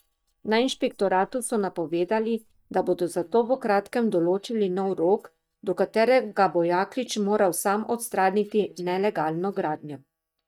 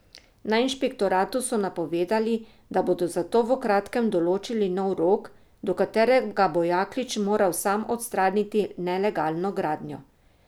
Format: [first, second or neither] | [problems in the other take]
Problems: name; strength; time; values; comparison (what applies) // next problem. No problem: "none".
second | noise reduction (neural mask model DeepFilterNet 3)